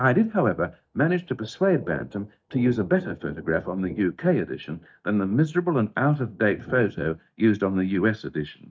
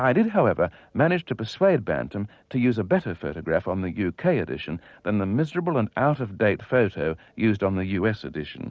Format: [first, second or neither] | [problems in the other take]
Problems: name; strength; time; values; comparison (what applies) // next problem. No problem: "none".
second | noise reduction (neural mask model DeepFilterNet 3)